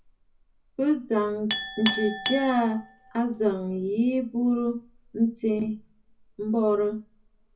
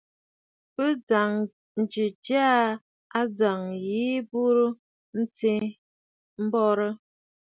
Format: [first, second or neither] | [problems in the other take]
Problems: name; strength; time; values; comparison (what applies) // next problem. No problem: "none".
second | background sound (Chink, clink); 12 dB below the speech // room echo; dies away in 0.4 s